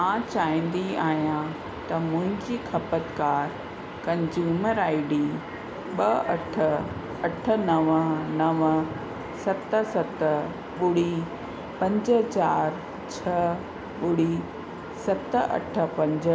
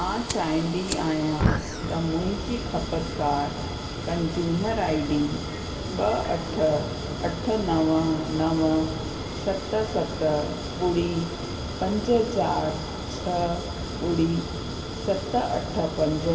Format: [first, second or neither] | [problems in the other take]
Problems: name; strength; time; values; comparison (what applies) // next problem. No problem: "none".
first | background sound (Fire); 6 dB below the speech // room echo; dies away in 2 s